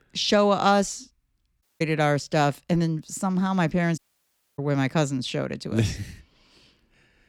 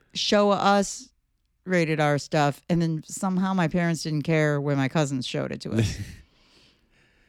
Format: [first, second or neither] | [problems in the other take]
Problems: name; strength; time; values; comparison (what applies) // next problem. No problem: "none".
second | audio cutting out; at 1.5 s and at 4 s for 0.5 s